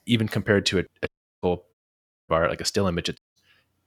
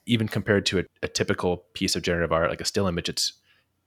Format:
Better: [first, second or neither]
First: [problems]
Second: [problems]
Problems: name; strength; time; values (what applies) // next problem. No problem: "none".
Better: second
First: audio cutting out; at 1 s, at 1.5 s for 0.5 s and at 3 s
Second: none